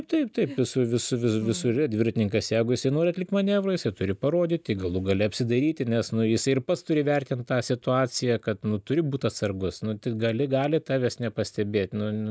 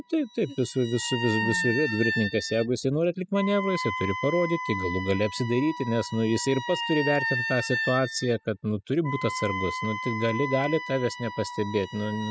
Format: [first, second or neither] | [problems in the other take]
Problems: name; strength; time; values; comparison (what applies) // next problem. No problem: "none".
first | noise reduction (classical method spectral subtraction)